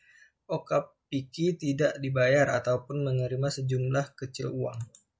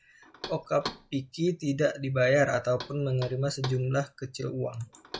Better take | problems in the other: first | background sound (Knock); 16 dB below the speech

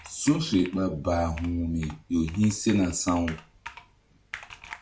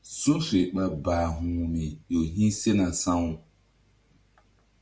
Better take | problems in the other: second | background sound (Computer keyboard); 18 dB below the speech

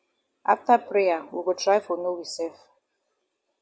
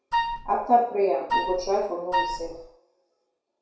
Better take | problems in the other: first | background sound (Wind instrument, woodwind instrument); 2 dB below the speech // room echo; dies away in 0.6 s

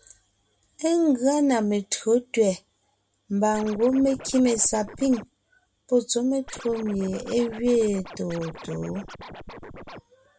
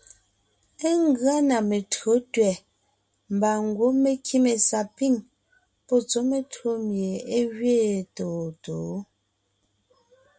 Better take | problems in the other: second | background sound (Scratching (performance technique)); 16 dB below the speech

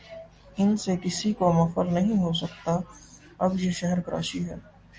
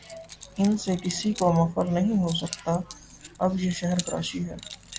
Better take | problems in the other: first | background sound (Keys jangling); 16 dB below the speech

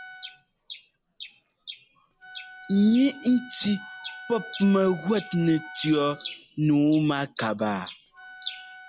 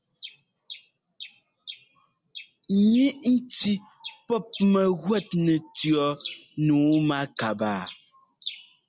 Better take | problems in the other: second | background sound (Wind instrument, woodwind instrument); 19 dB below the speech

